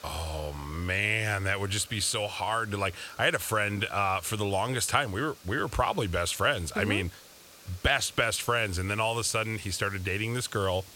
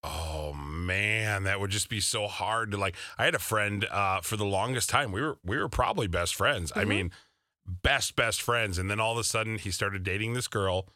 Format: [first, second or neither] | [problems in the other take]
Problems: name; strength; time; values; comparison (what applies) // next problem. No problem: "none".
second | hiss; faint; throughout; 20 dB below the speech